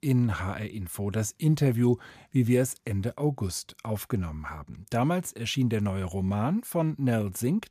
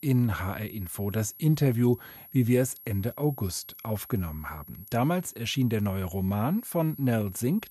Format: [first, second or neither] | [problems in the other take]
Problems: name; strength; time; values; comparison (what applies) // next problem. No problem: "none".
first | high-pitched whine; noticeable; throughout; 11.5 kHz, 15 dB below the speech